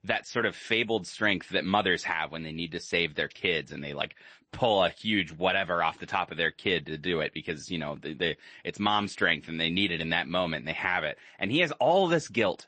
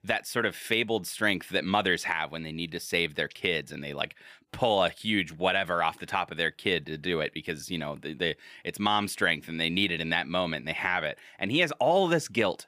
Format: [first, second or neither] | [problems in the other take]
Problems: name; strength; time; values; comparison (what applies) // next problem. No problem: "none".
second | garbled, watery; slightly; nothing above 8 kHz